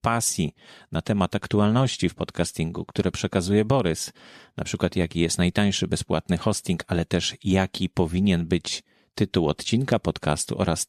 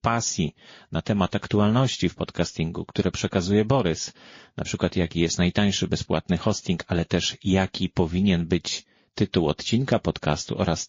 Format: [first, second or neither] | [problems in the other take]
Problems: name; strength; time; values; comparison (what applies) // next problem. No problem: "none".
first | garbled, watery; slightly